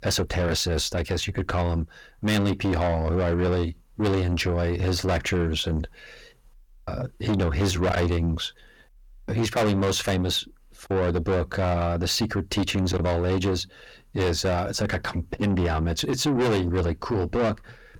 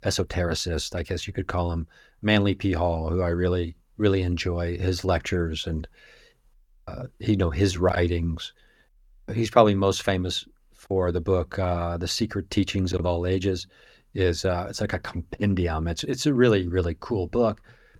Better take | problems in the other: second | distortion; heavy; 7 dB below the speech

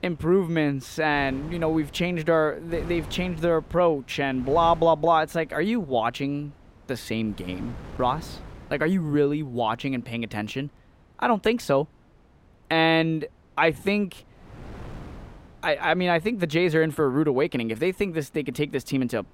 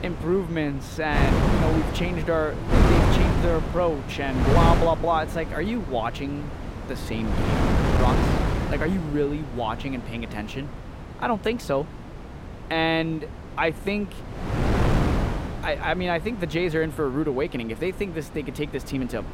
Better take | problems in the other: first | wind noise on the microphone; heavy; 3 dB below the speech; occasional gusts in the first

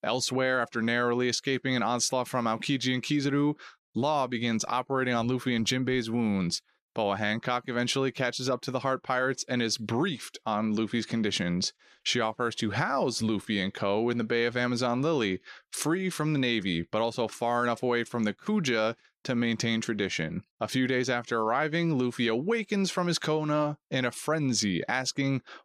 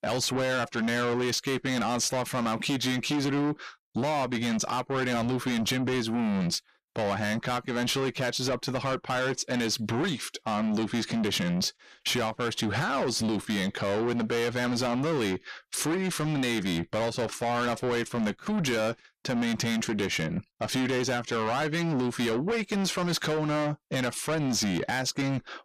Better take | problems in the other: first | distortion; heavy; 7 dB below the speech

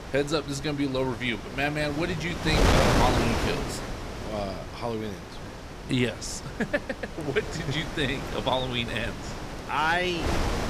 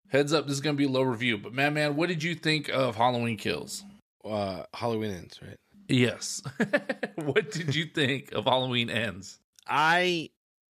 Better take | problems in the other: second | wind noise on the microphone; heavy; 4 dB below the speech

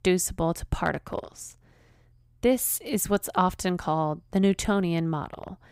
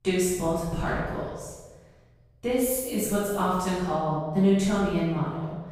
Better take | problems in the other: first | off-mic speech; far // room echo; strong; dies away in 1 s

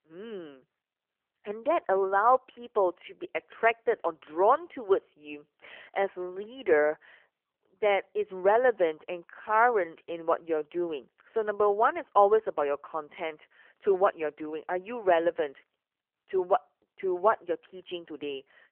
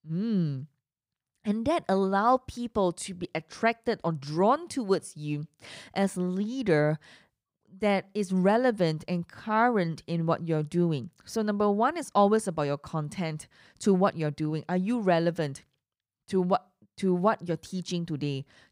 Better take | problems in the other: second | phone-call audio; nothing above 3 kHz

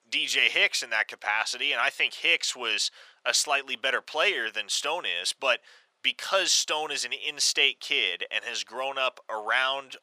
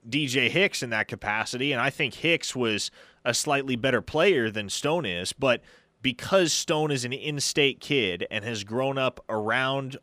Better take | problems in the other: second | thin; very; fading below 800 Hz

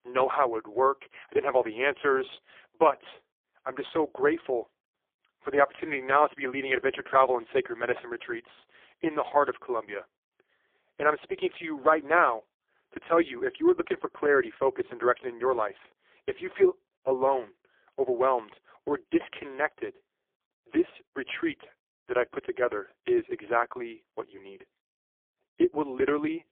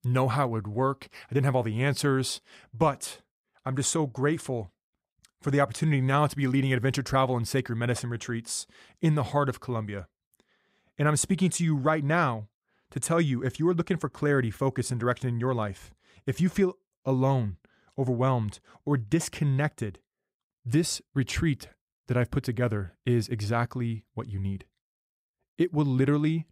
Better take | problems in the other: second | phone-call audio; poor line; nothing above 3 kHz

